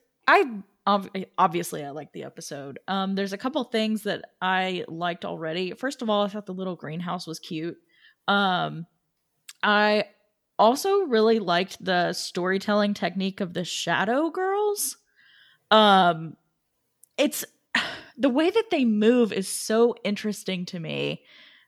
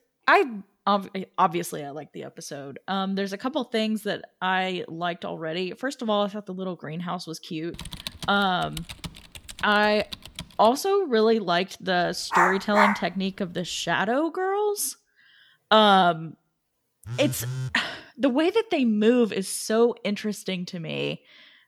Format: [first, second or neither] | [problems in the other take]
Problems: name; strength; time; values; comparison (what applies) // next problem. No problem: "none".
first | keyboard typing; faint; from 7.5 to 11 s; peak 10 dB below the speech // dog barking; loud; at 12 s; peak 3 dB above the speech // phone ringing; noticeable; at 17 s; peak 7 dB below the speech